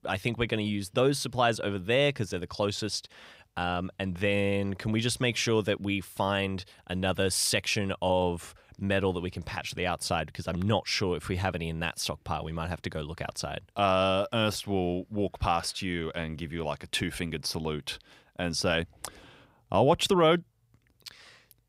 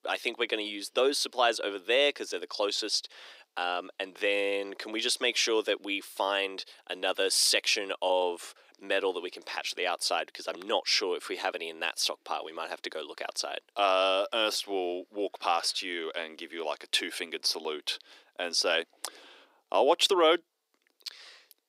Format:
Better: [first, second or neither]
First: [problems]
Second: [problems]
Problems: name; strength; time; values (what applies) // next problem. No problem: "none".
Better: first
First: none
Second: thin; very; fading below 300 Hz